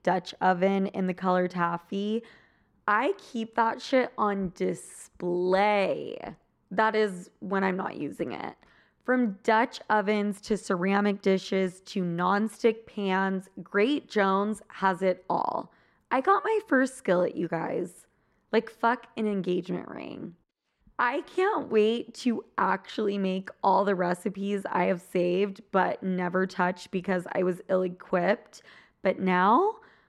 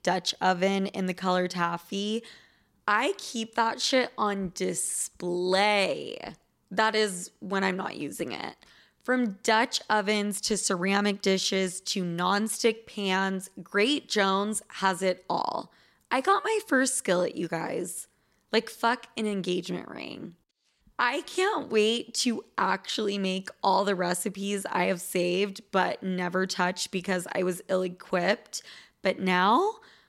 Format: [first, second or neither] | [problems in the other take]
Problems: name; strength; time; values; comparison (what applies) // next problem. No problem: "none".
second | muffled; slightly; fading above 3 kHz